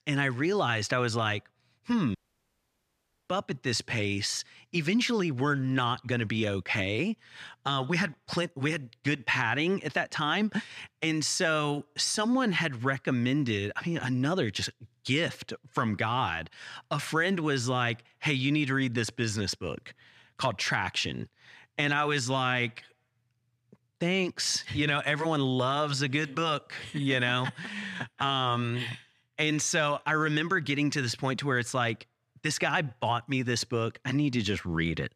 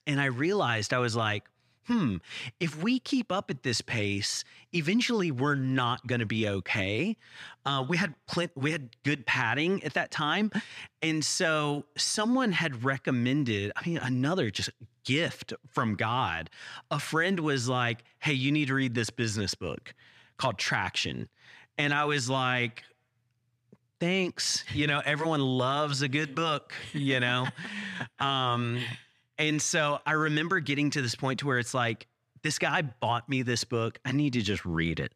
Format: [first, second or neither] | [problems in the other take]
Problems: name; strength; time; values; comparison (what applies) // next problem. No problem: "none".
second | audio cutting out; at 2 s for 1 s